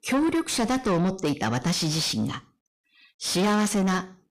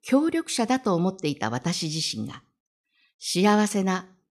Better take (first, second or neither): second